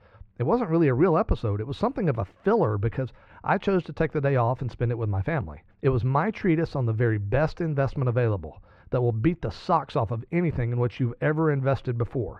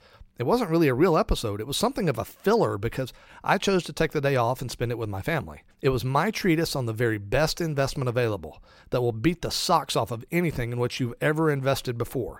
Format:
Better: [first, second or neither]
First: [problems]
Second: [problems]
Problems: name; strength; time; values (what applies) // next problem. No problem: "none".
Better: second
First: muffled; very; fading above 2 kHz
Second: none